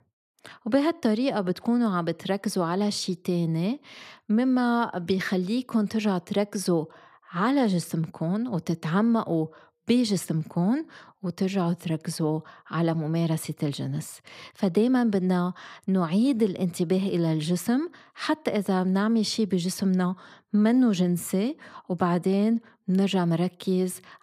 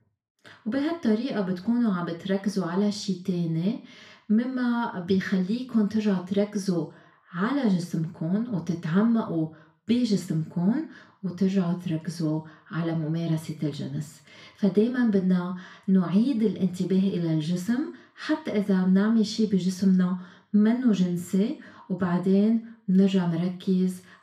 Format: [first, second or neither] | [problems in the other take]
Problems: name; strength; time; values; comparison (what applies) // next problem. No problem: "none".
first | room echo; slight; dies away in 0.4 s // off-mic speech; somewhat distant